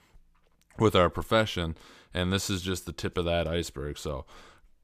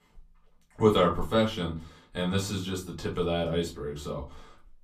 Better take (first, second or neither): first